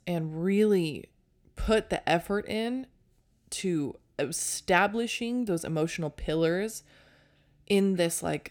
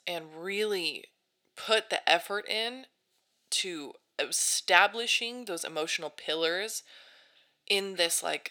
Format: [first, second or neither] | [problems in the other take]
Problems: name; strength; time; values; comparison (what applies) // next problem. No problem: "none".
first | thin; very; fading below 650 Hz